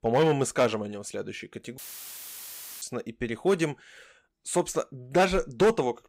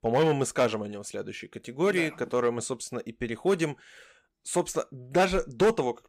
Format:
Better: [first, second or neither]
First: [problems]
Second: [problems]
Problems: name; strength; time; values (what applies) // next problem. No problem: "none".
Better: second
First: audio cutting out; filled with static; at 2 s for 1 s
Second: none